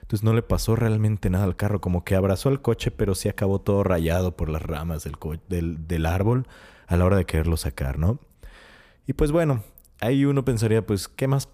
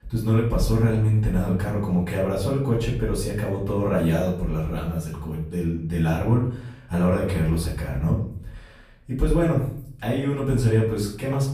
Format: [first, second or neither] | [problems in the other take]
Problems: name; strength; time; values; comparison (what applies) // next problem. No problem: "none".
first | off-mic speech; far // room echo; noticeable; dies away in 0.5 s